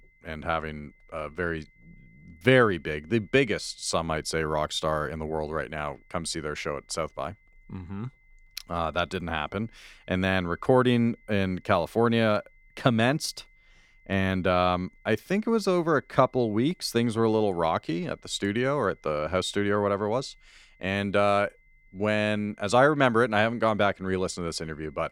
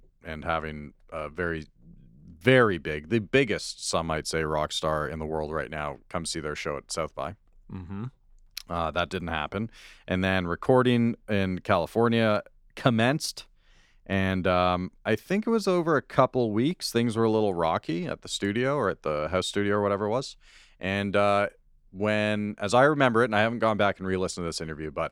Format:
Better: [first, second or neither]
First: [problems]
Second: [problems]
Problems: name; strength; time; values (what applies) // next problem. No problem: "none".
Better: second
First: high-pitched whine; faint; throughout; 2 kHz, 35 dB below the speech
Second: none